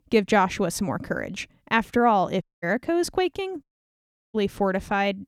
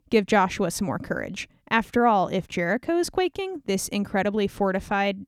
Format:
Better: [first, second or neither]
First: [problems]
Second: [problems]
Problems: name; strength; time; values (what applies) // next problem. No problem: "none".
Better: second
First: audio cutting out; at 2.5 s and at 3.5 s for 0.5 s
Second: none